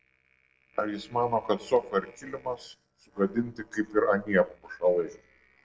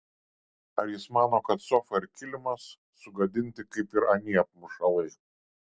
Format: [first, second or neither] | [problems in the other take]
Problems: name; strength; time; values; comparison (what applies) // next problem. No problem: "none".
second | noise reduction (neural separator model SepFormer DNS4)